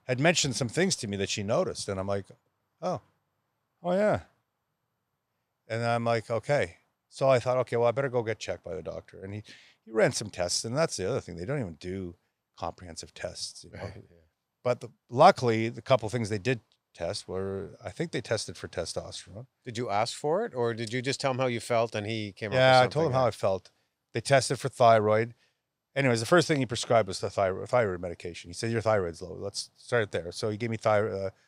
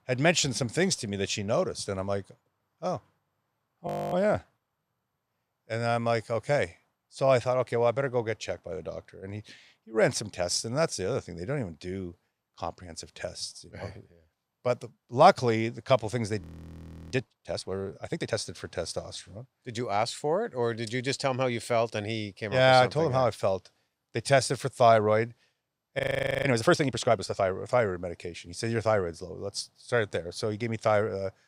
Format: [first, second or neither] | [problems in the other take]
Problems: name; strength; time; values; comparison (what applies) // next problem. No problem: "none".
first | audio freezing; at 4 s, at 16 s for 0.5 s and at 26 s